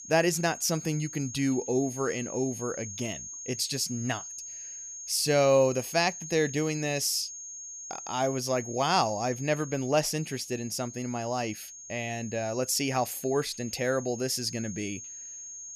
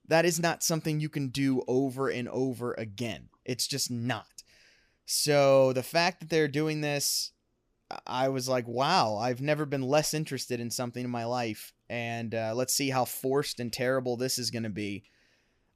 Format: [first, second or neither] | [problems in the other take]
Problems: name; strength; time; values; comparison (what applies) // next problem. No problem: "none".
second | high-pitched whine; noticeable; throughout; 6.5 kHz, 10 dB below the speech